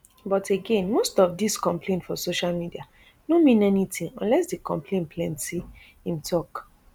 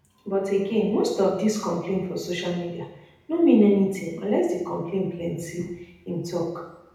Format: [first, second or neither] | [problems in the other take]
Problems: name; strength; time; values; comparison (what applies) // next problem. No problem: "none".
first | room echo; dies away in 0.8 s